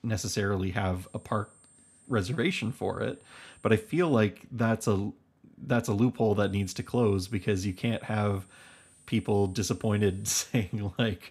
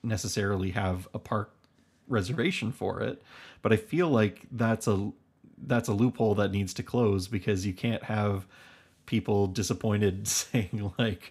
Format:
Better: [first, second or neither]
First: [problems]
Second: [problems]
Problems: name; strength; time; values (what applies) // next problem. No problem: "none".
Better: second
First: high-pitched whine; faint; from 1 to 4 s and from 6.5 to 10 s; 8.5 kHz, 30 dB below the speech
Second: none